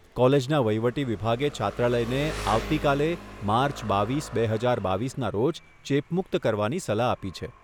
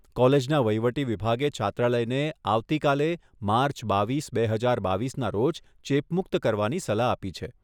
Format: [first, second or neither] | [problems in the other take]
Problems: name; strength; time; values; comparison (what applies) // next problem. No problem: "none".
second | background sound (Engine); 15 dB below the speech